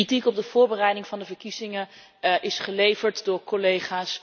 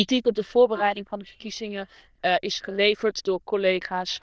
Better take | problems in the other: first | noise reduction (neural diffusion model UNIVERSE++)

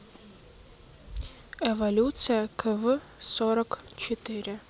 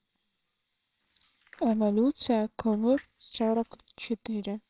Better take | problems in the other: first | noise reduction (neural separator model SepFormer WHAMR!)

